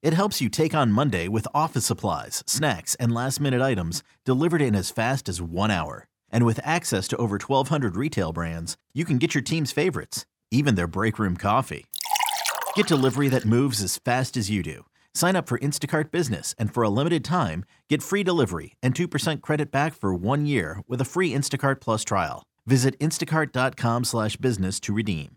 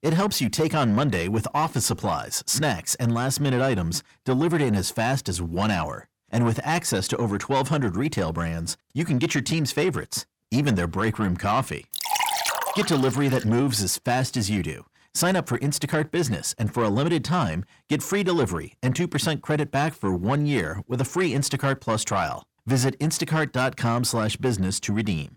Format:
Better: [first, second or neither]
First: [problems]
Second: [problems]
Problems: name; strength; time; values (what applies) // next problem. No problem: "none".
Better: first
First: none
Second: distortion; slight; 10 dB below the speech